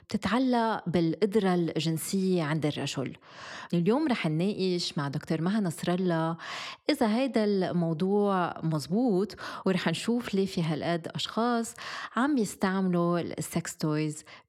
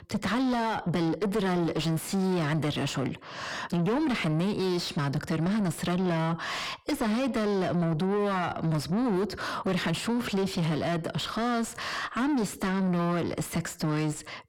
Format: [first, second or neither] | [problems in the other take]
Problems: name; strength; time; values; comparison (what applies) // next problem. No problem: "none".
first | distortion; heavy; 7 dB below the speech